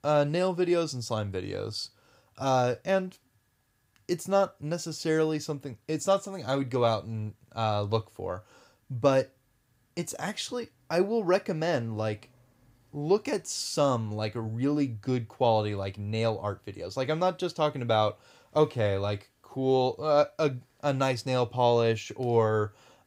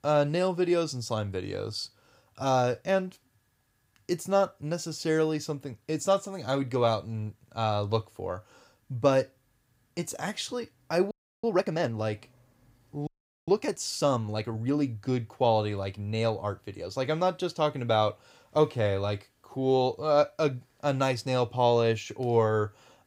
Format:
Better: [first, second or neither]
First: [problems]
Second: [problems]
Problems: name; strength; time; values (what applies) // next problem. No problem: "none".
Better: first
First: none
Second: audio freezing; at 11 s and at 13 s